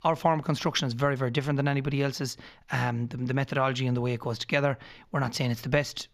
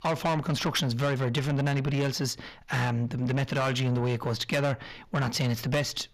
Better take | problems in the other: first | distortion; heavy; 8 dB below the speech

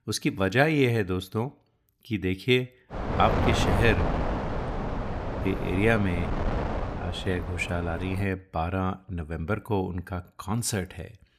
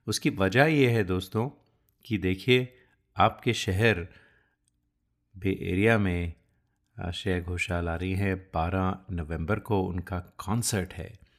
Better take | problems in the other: second | wind noise on the microphone; heavy; from 3 to 8 s; 4 dB below the speech

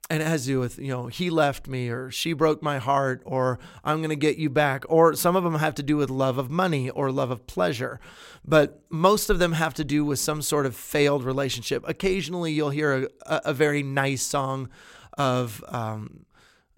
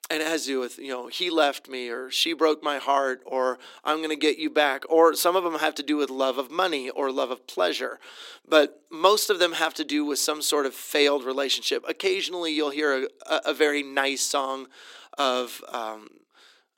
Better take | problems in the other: first | thin; somewhat; fading below 300 Hz

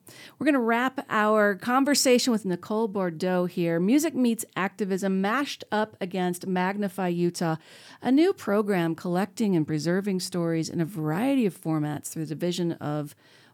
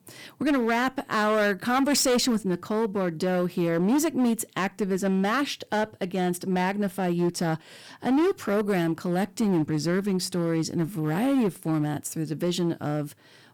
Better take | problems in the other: first | distortion; slight; 10% of the sound clipped

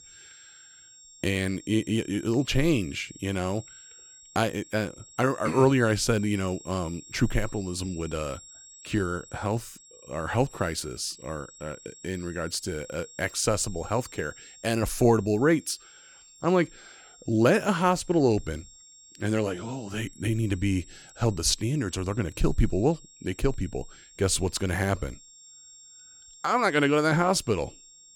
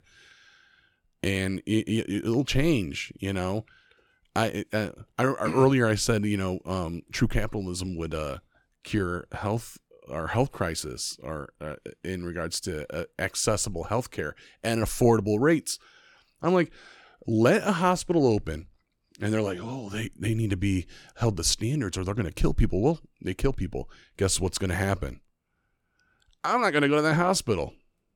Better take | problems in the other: second | high-pitched whine; faint; throughout; 7.5 kHz, 20 dB below the speech

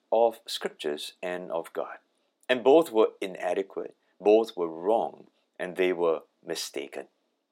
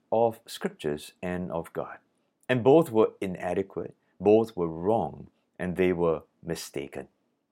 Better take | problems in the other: second | thin; somewhat; fading below 300 Hz

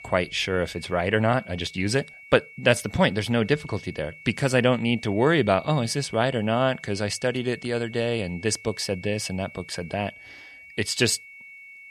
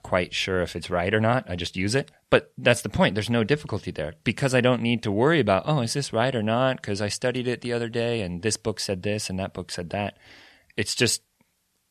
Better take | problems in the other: second | high-pitched whine; noticeable; throughout; 2 kHz, 20 dB below the speech

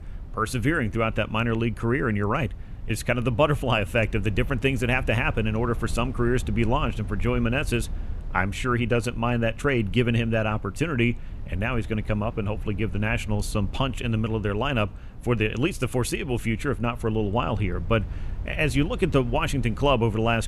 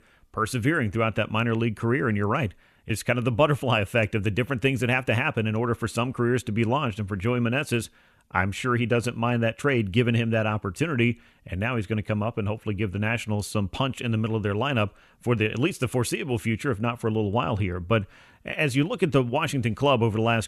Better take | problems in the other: second | low rumble; faint; throughout; 25 dB below the speech

